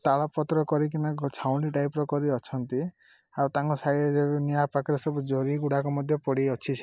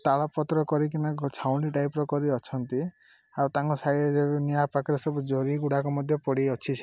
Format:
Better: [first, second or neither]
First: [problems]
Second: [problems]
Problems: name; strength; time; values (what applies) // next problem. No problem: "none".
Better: second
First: noise reduction (neural mask model Resemble Enhance denoiser)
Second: none